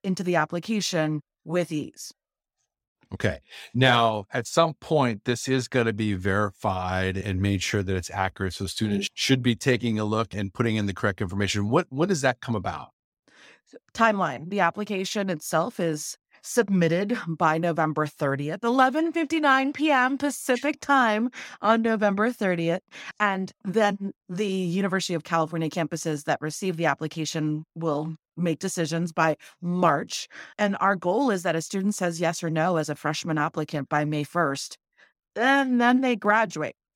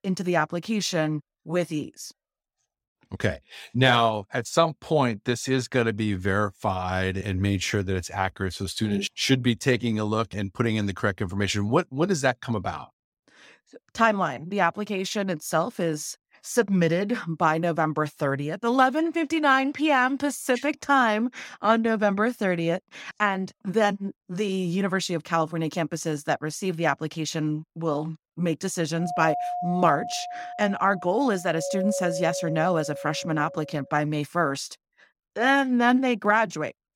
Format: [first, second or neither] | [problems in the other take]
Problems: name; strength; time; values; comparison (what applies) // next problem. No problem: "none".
first | doorbell; noticeable; from 29 to 34 s; peak 4 dB below the speech